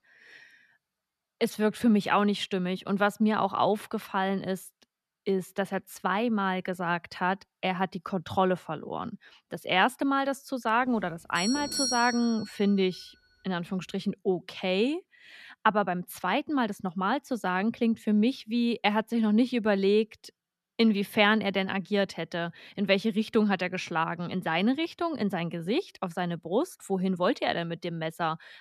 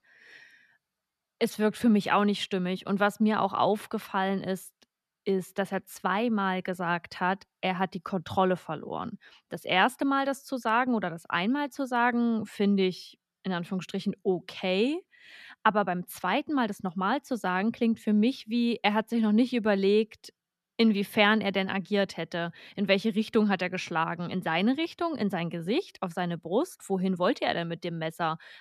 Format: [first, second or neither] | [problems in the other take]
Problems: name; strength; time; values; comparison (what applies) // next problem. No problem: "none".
second | doorbell; noticeable; from 11 to 12 s; peak level with the speech